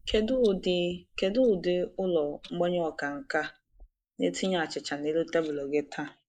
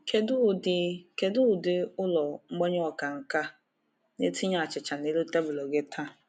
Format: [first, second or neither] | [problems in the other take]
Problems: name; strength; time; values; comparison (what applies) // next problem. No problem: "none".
second | noise reduction (neural mask model Resemble Enhance denoiser)